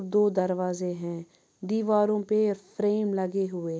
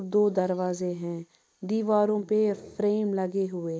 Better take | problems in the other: first | noise reduction (neural mask model Resemble Enhance denoiser)

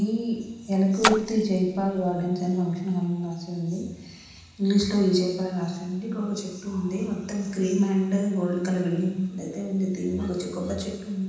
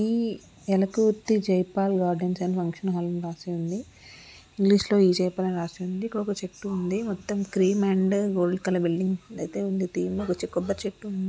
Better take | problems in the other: second | background sound (Splash, splatter); 4 dB below the speech // room echo; dies away in 1.1 s

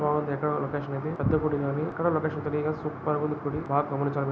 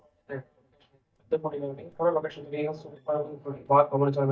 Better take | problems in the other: first | noise reduction (neural mask model DeepFilterNet 3)

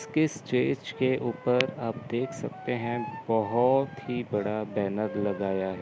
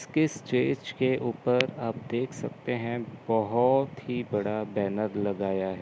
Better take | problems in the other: second | background sound (Wind instrument, woodwind instrument); 15 dB below the speech

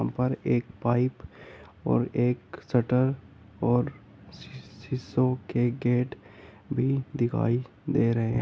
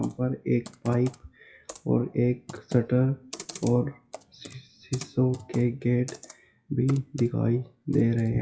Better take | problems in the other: first | noise reduction (classical method WPE with log-MMSE)

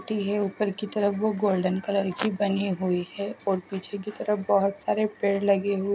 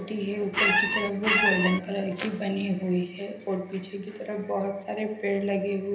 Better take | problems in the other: first | background sound (Squeak); 5 dB above the speech // room echo; dies away in 0.8 s

